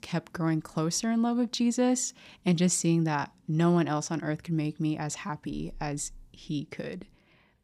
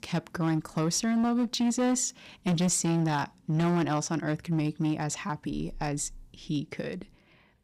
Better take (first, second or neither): first